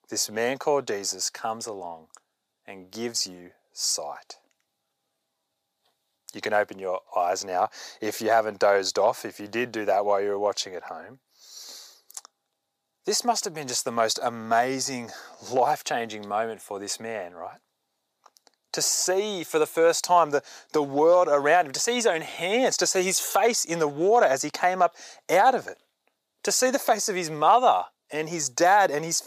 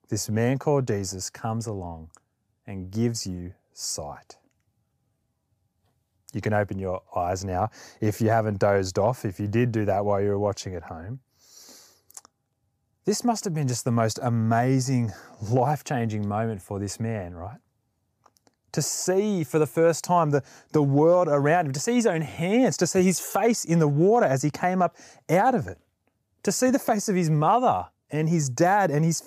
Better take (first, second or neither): second